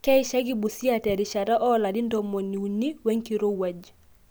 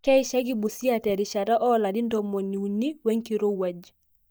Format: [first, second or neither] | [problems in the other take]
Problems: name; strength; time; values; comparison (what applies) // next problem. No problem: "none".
first | noise reduction (neural mask model DeepFilterNet 3)